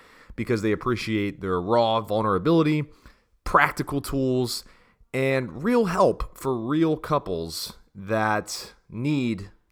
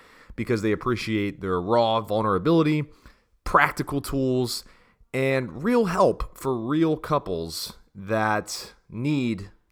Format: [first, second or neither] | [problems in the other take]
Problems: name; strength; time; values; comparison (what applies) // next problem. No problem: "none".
neither | none